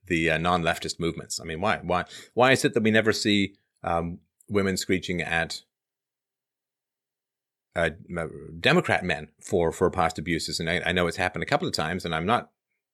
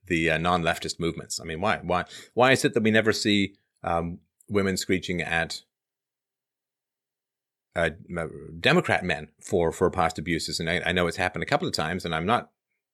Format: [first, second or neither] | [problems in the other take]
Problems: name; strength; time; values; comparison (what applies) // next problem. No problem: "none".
neither | none